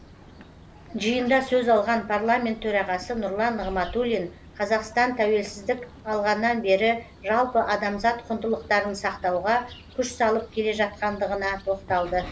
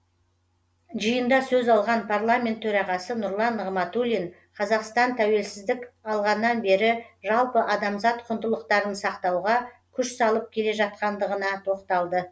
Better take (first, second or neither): second